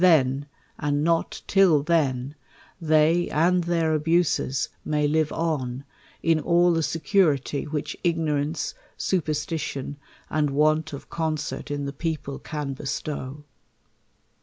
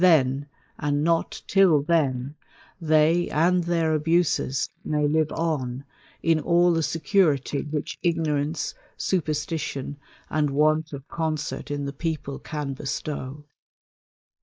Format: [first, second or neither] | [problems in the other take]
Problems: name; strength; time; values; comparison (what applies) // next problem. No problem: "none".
first | noise reduction (neural mask model Resemble Enhance denoiser)